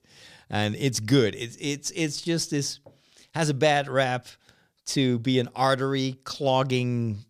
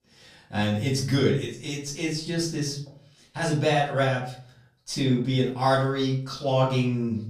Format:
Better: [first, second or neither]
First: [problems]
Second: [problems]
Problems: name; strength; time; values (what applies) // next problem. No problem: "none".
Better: first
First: none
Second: room echo; slight; dies away in 0.5 s // off-mic speech; far